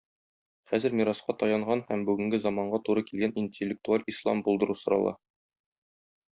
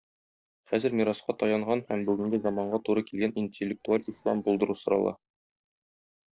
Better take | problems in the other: first | noise reduction (neural separator model SepFormer DNS4)

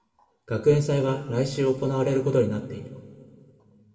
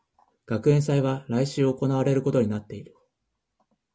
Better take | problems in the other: second | room echo; dies away in 1.9 s

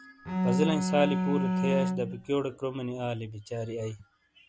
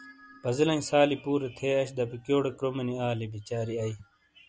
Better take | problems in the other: second | background sound (Bowed string instrument); 3 dB above the speech

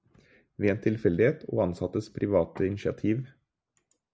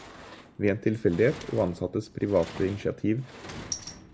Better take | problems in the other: first | background sound (Sliding door); 15 dB below the speech

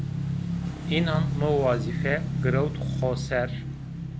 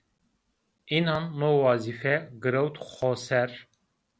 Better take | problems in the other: second | background sound (Motorcycle / Engine); 1 dB above the speech

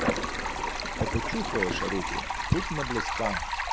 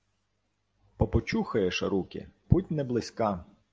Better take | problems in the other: second | background sound (Thunder + Stream); 2 dB above the speech

